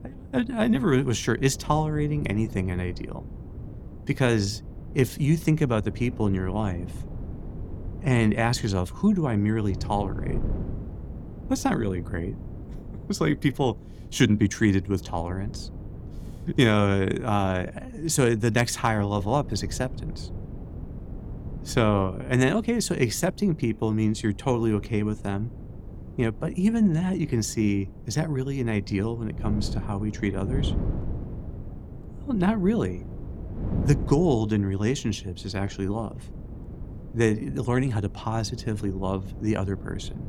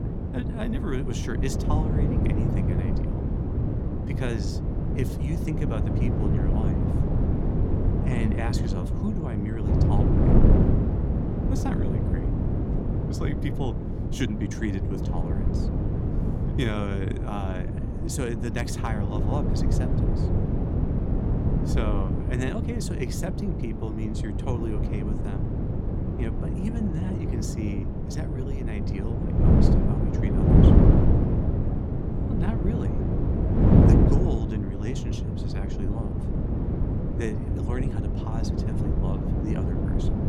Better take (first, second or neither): first